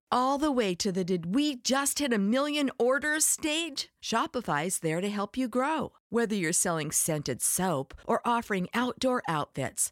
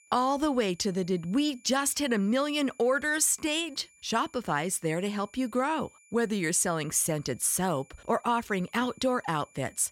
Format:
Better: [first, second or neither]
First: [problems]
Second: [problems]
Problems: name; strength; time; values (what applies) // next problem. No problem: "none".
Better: first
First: none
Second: high-pitched whine; faint; throughout; 2.5 kHz, 30 dB below the speech